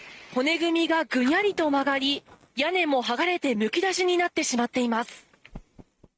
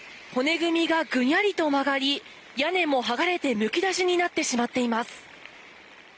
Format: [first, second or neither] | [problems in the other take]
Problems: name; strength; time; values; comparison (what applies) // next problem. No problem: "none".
second | noise reduction (neural mask model RNNoise)